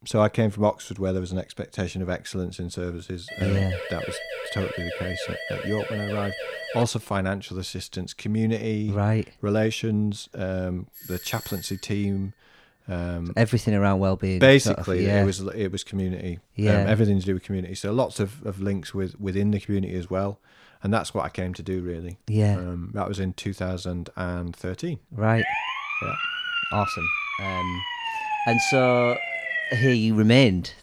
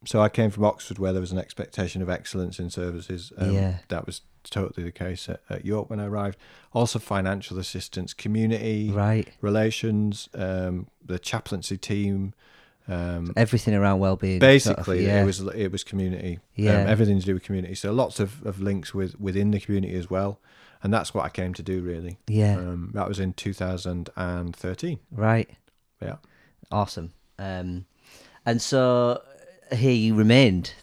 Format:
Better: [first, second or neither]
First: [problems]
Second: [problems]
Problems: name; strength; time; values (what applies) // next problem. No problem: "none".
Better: second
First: siren; noticeable; from 3.5 to 7 s; peak 7 dB below the speech // doorbell; faint; from 11 to 12 s; peak 10 dB below the speech // siren; loud; from 25 to 30 s; peak 2 dB above the speech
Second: none